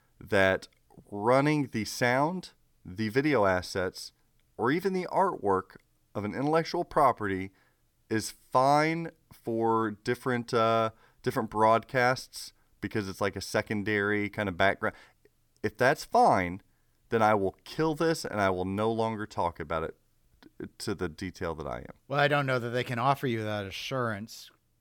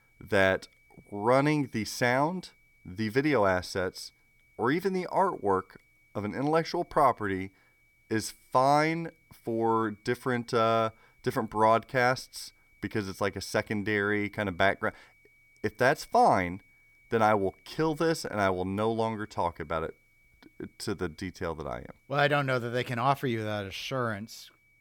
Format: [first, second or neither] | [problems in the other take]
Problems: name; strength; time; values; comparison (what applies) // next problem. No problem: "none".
first | high-pitched whine; faint; throughout; 2.5 kHz, 35 dB below the speech